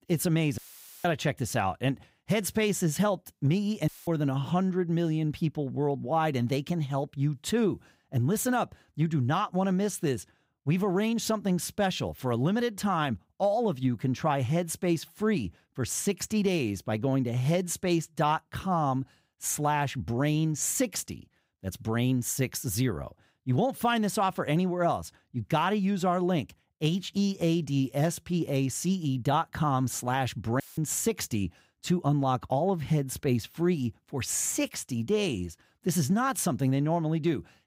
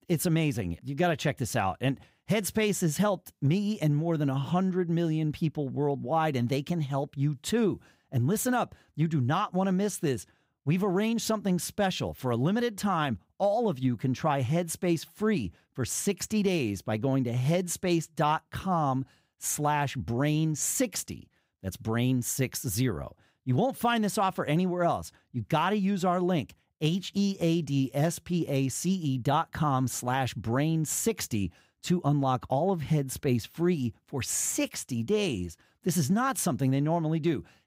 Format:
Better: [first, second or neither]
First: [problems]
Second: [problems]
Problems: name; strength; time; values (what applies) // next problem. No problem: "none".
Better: second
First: audio cutting out; filled with static; at 0.5 s, at 4 s and at 31 s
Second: none